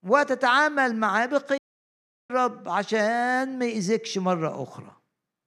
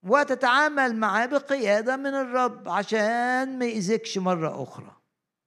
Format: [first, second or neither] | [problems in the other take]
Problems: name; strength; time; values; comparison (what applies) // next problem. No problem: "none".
second | audio cutting out; at 1.5 s for 0.5 s